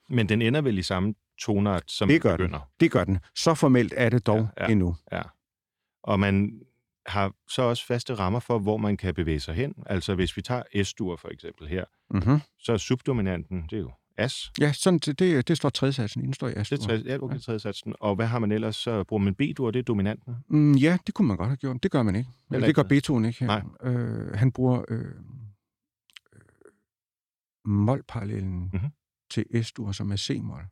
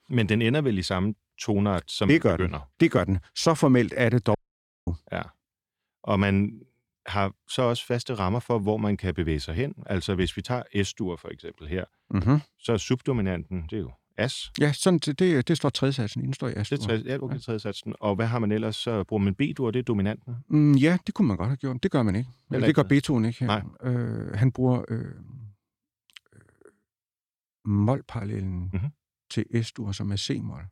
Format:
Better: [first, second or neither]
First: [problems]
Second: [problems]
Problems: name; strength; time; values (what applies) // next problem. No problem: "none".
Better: first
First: none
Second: audio cutting out; at 4.5 s for 0.5 s